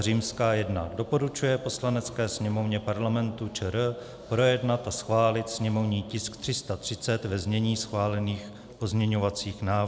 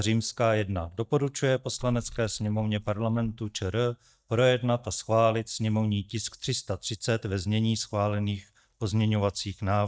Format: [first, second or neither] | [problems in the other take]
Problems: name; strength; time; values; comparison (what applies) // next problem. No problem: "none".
first | noise reduction (neural mask model DeepFilterNet 3)